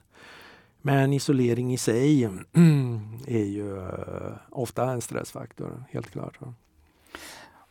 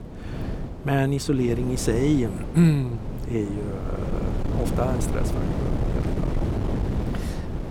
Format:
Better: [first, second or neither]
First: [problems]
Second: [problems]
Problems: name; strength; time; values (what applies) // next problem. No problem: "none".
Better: first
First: none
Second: wind noise on the microphone; heavy; 6 dB below the speech